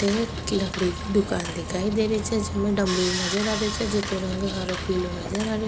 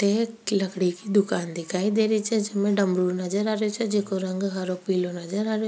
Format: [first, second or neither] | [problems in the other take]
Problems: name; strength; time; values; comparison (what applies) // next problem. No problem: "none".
second | background sound (Sawing); 5 dB below the speech